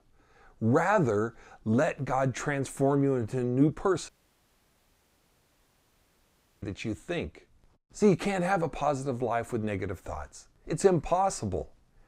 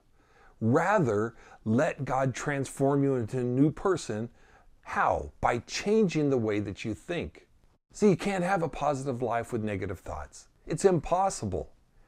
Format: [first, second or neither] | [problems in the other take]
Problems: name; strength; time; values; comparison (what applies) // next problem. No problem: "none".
second | audio cutting out; at 4 s for 2.5 s